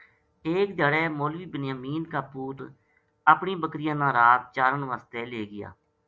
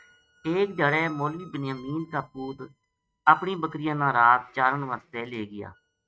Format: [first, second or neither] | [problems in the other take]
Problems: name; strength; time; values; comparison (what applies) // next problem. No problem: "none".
first | noise reduction (neural mask model RNNoise)